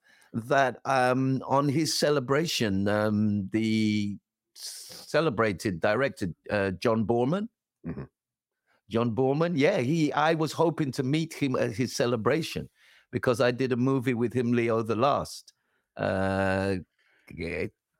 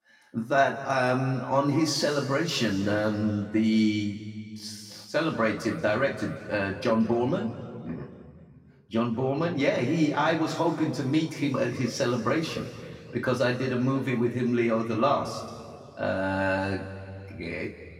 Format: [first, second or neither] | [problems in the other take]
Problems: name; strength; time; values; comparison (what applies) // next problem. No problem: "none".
first | room echo; noticeable; dies away in 2.2 s // off-mic speech; far